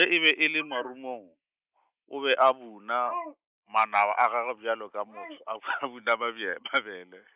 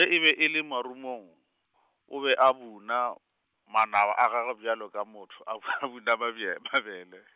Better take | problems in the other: second | noise reduction (neural mask model Resemble Enhance denoiser)

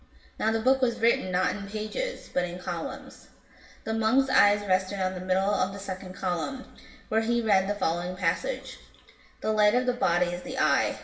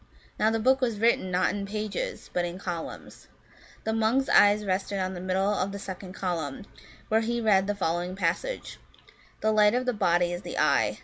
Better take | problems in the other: second | room echo; dies away in 0.7 s

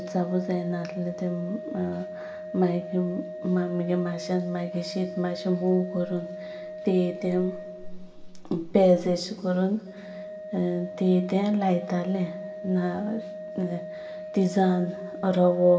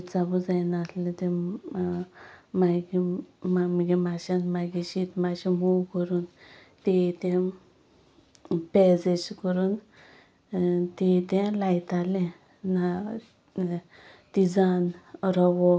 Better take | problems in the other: second | background sound (Organ); 12 dB below the speech // room echo; dies away in 1.4 s

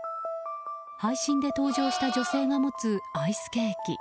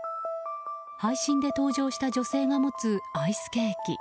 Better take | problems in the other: second | background sound (Livestock, farm animals, working animals); 7 dB below the speech

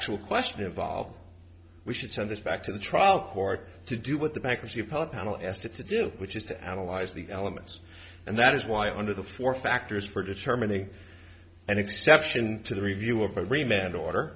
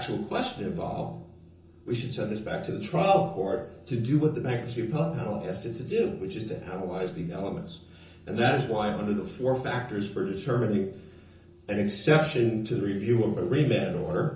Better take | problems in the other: first | room echo; dies away in 0.7 s

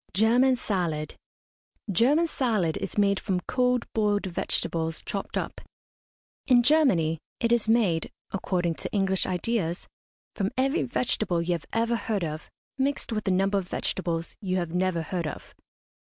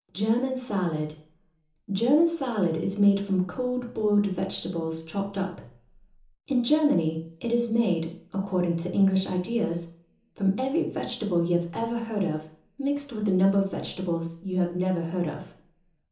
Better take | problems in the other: first | room echo; dies away in 1.2 s

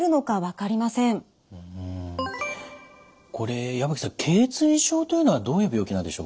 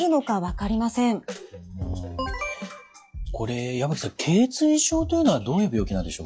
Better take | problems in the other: first | noise reduction (classical method log-MMSE)

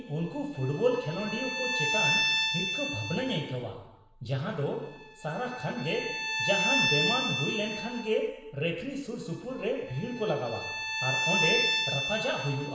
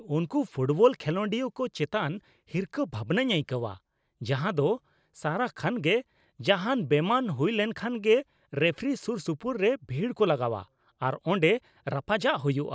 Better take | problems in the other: second | background sound (Bowed string instrument); as loud as the speech // room echo; dies away in 0.9 s

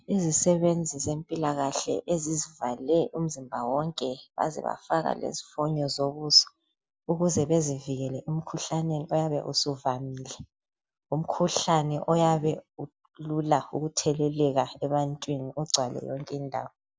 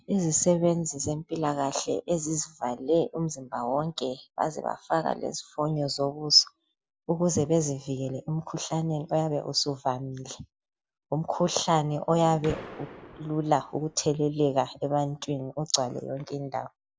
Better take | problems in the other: first | background sound (Gunshot, gunfire); 15 dB below the speech

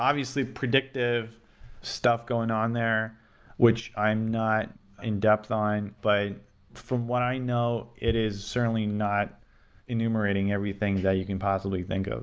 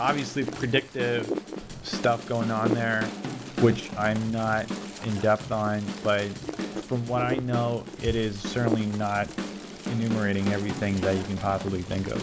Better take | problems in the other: first | background sound (Wind + Drum / Drum kit); 7 dB below the speech

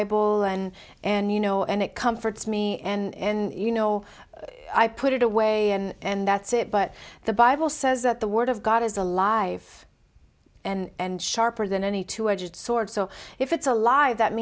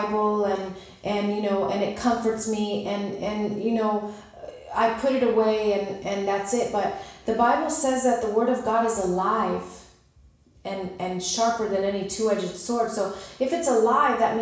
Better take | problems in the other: first | room echo; dies away in 0.7 s

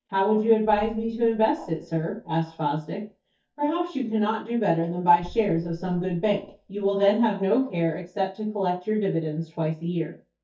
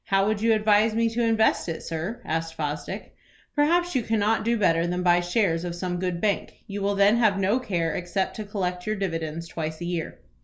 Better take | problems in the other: second | noise reduction (neural mask model DeepFilterNet 3)

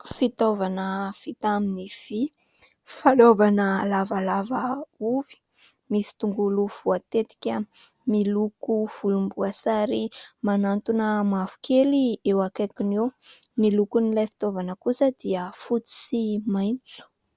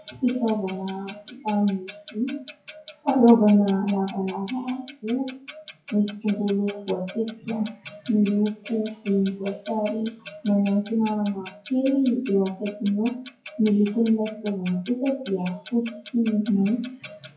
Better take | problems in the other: first | noise reduction (classical method WPE with log-MMSE)

